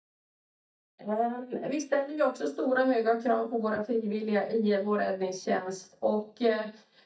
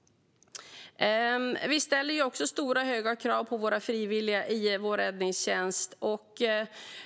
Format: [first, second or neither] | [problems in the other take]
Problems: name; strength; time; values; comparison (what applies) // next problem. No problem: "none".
second | noise reduction (neural mask model DeepFilterNet 3)